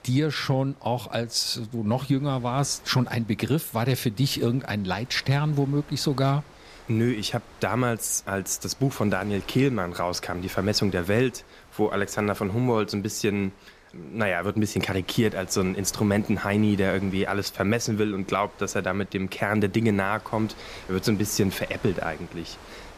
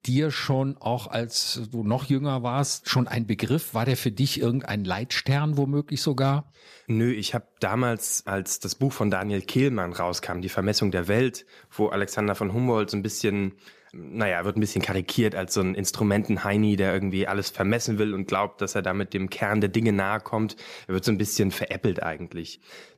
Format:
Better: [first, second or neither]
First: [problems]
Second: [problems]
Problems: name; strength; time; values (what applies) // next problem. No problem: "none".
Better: second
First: wind noise on the microphone; occasional gusts; 20 dB below the speech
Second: none